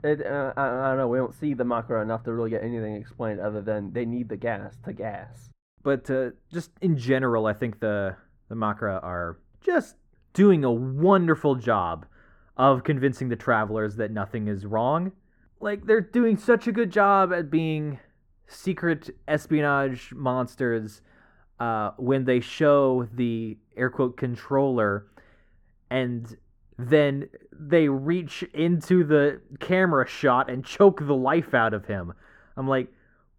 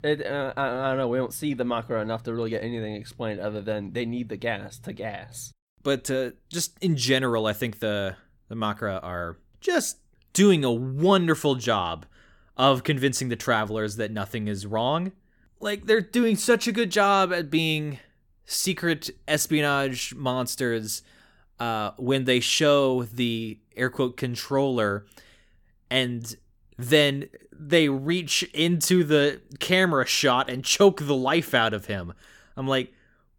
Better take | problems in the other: second | muffled; very; fading above 2 kHz

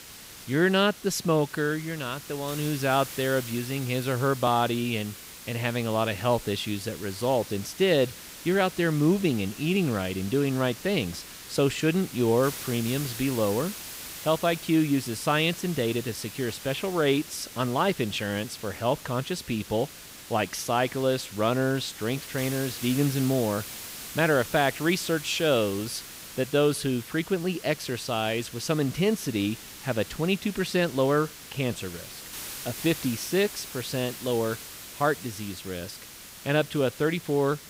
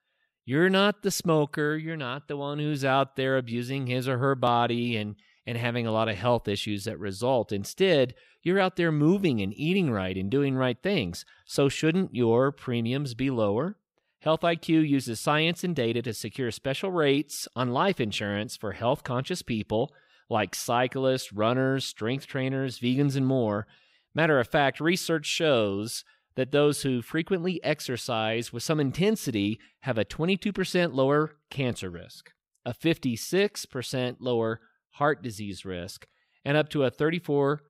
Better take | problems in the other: second | hiss; noticeable; throughout; 10 dB below the speech

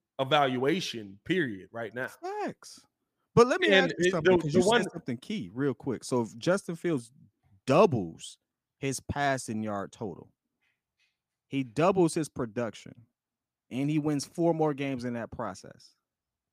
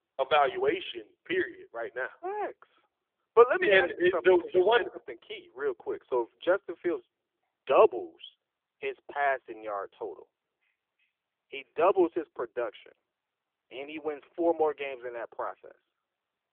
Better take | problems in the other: first | phone-call audio; nothing above 3.5 kHz

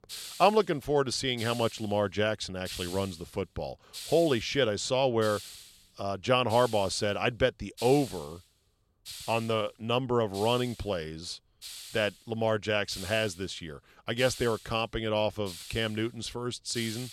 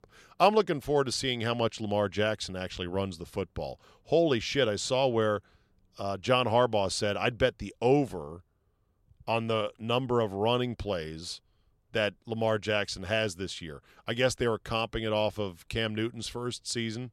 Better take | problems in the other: second | hiss; noticeable; throughout; 15 dB below the speech

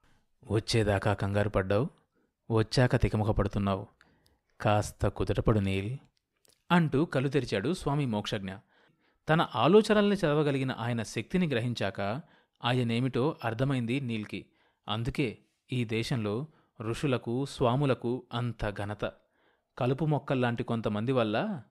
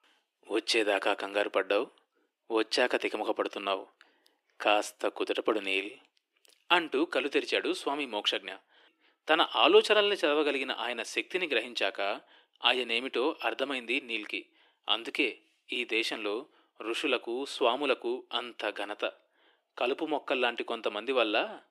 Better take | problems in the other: first | thin; very; fading below 300 Hz

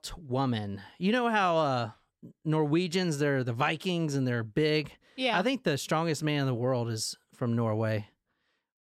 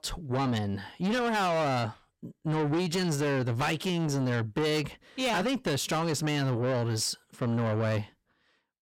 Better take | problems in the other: first | distortion; heavy; 8 dB below the speech

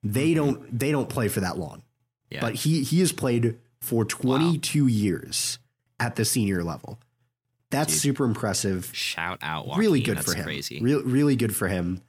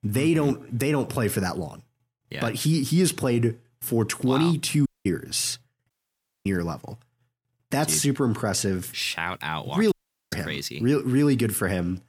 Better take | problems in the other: first | audio cutting out; at 5 s, at 6 s for 0.5 s and at 10 s

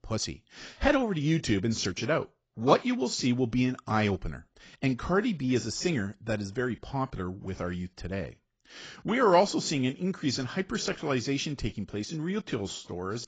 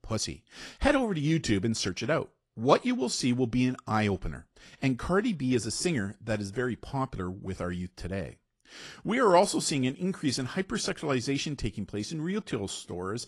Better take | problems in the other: second | garbled, watery; badly; nothing above 7.5 kHz; slightly in the second

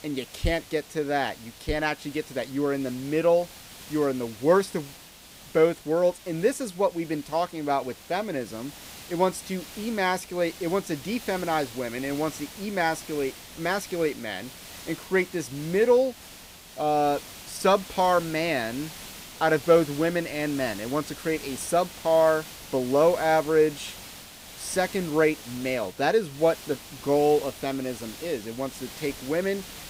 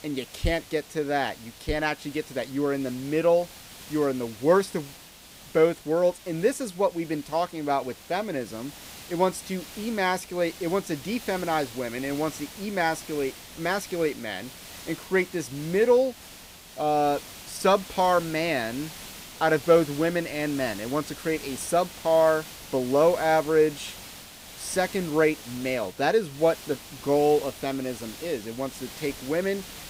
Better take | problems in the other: neither | hiss; noticeable; throughout; 15 dB below the speech; the same in both

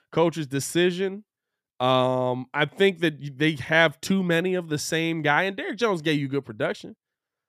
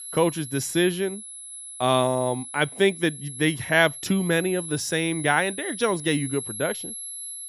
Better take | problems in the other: first | high-pitched whine; loud; throughout; 11 kHz, 10 dB below the speech

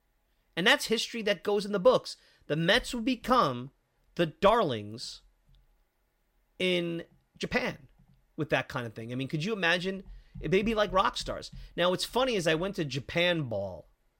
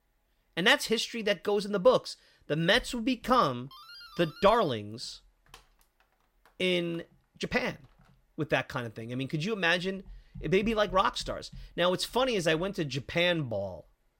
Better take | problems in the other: first | doorbell; faint; from 3.5 to 8 s; peak 20 dB below the speech

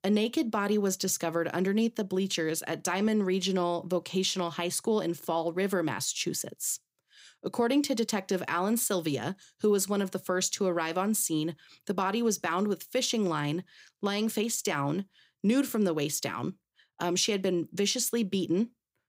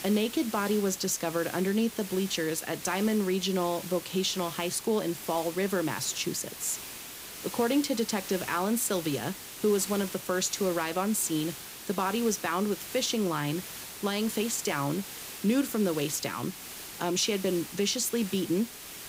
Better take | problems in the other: first | hiss; noticeable; throughout; 10 dB below the speech

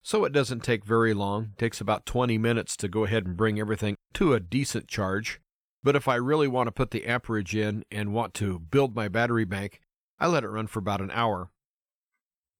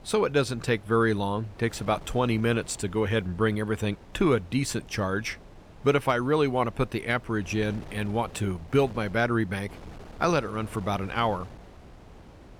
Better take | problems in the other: first | wind noise on the microphone; occasional gusts; 20 dB below the speech

